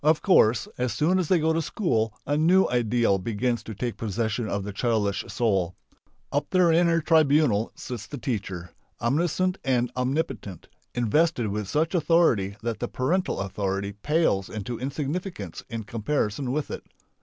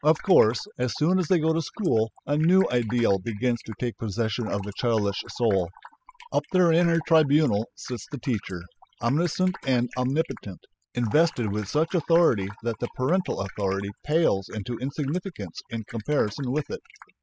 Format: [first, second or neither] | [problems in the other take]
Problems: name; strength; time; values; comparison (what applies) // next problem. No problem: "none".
first | noise reduction (classical method spectral subtraction)